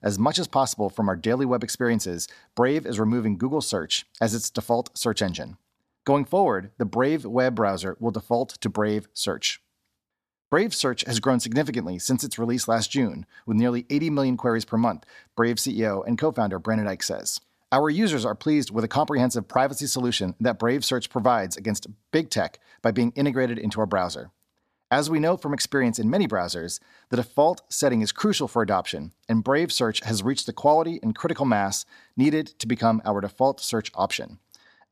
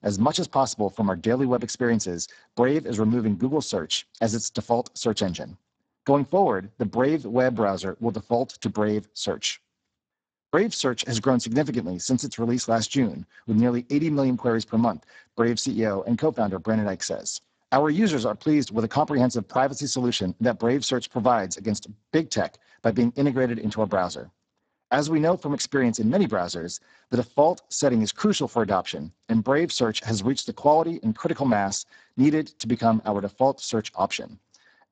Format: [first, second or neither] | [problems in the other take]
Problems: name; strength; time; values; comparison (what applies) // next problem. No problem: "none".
first | garbled, watery; badly; nothing above 7.5 kHz